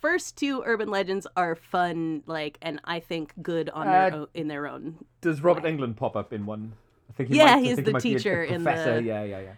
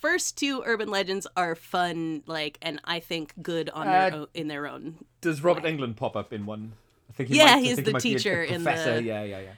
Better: second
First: muffled; slightly; fading above 2.5 kHz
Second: none

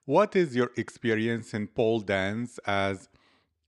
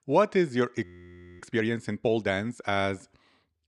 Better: first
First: none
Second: audio freezing; at 1 s for 0.5 s

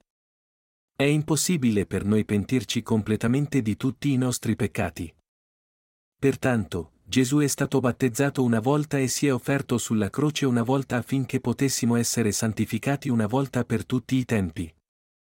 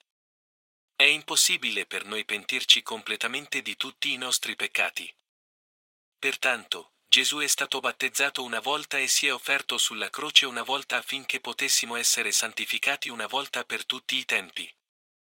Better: first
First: none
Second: thin; very; fading below 900 Hz

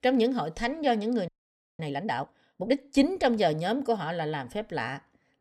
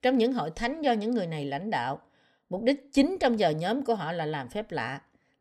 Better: second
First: audio freezing; at 1.5 s for 0.5 s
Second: none

